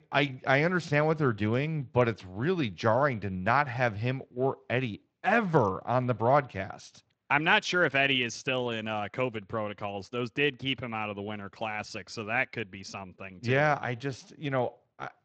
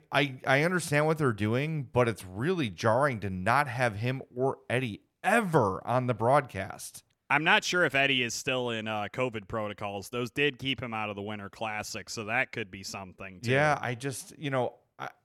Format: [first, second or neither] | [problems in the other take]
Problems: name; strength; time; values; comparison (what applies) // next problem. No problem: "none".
second | garbled, watery; slightly